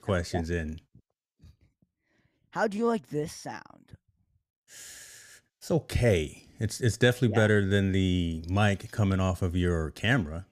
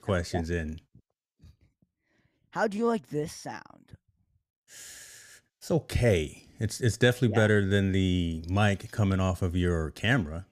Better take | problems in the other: neither | none

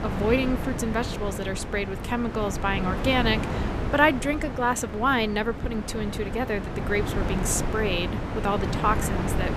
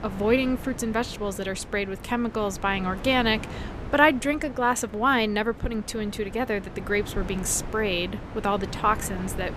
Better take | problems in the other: second | wind noise on the microphone; heavy; 8 dB below the speech; occasional gusts in the second

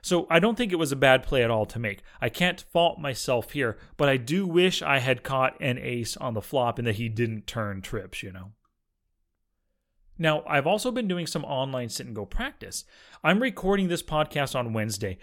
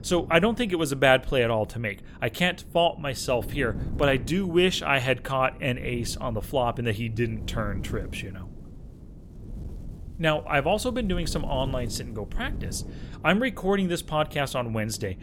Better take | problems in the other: first | wind noise on the microphone; occasional gusts; 25 dB below the speech

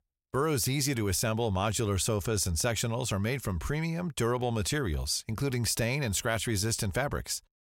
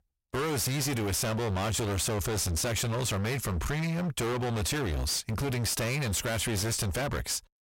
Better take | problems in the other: first | distortion; heavy; 46% of the sound clipped

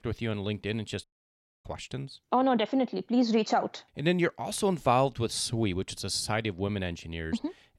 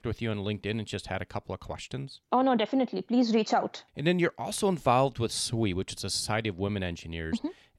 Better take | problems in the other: second | audio cutting out; at 1 s for 0.5 s

